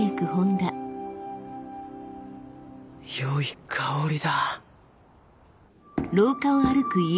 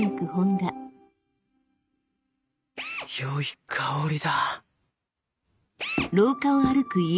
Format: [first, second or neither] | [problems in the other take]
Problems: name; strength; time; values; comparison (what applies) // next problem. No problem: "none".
first | noise reduction (neural mask model RNNoise)